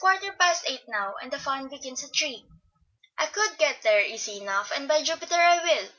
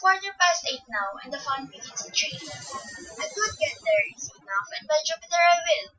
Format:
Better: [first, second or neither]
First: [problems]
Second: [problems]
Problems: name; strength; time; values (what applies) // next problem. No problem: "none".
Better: first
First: none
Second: noise reduction (classical method Wiener filter)